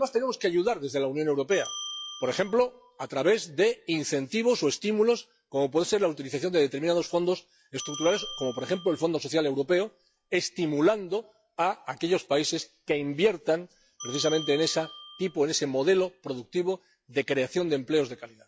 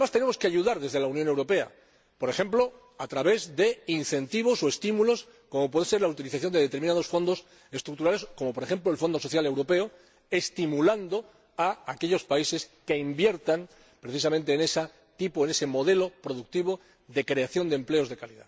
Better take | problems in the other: second | noise reduction (classical method log-MMSE)

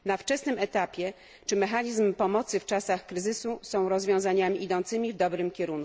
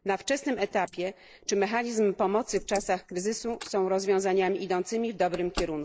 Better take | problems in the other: first | noise reduction (neural mask model Resemble Enhance denoiser)

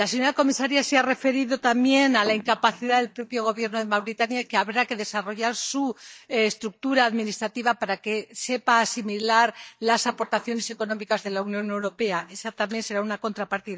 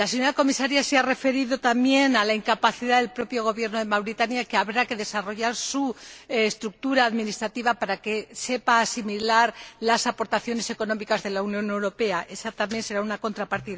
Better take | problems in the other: second | noise reduction (neural mask model DeepFilterNet 3)

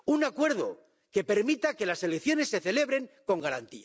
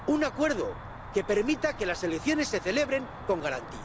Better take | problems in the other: first | background sound (Cricket); 12 dB below the speech

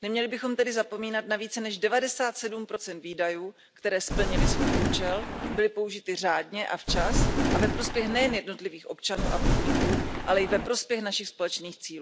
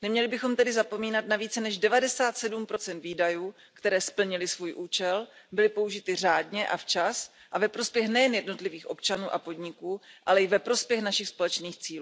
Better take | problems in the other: second | background sound (Thunder); 4 dB above the speech

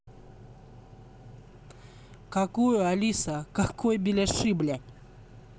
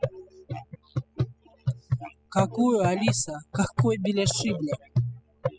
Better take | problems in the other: first | noise reduction (classical method spectral subtraction)

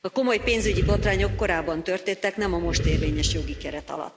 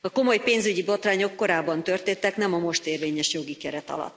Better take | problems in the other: second | background sound (Animal); 1 dB below the speech

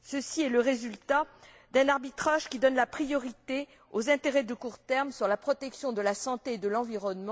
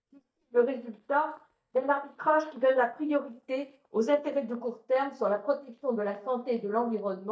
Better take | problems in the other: first | noise reduction (neural mask model DeepFilterNet 3)

